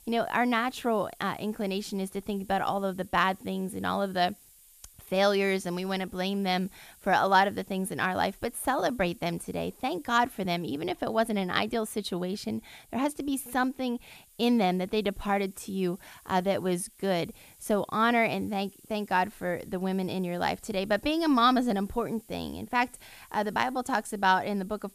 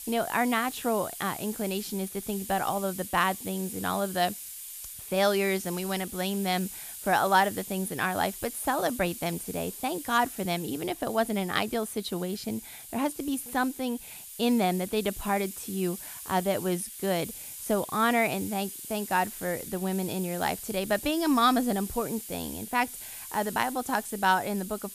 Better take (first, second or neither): first